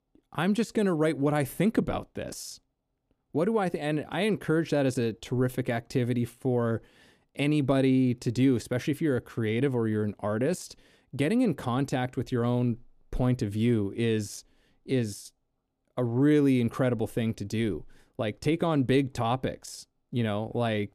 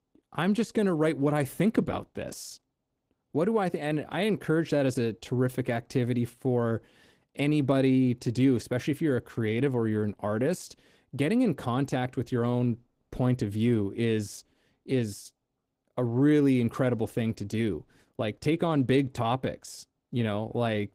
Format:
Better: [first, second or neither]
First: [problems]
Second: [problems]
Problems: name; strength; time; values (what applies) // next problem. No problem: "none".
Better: first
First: none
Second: garbled, watery; slightly; nothing above 15.5 kHz